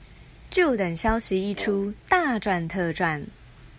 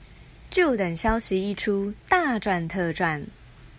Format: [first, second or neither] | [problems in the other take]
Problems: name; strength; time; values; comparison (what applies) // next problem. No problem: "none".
second | background sound (Brass instrument); 18 dB below the speech